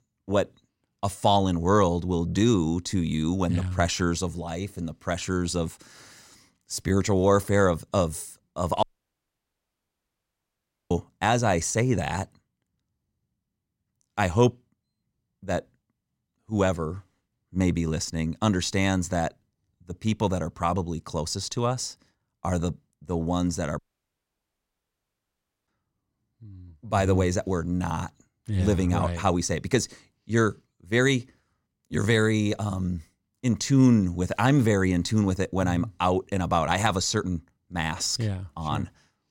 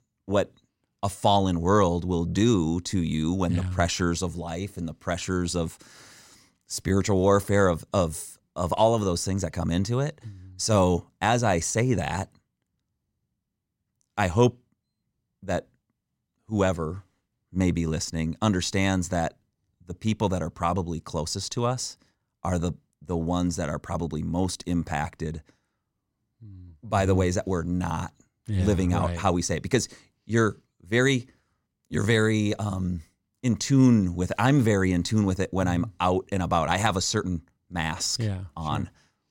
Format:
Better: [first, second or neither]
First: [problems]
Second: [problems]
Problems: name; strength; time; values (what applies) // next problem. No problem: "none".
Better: second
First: audio cutting out; at 9 s for 2 s and at 24 s for 2 s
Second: none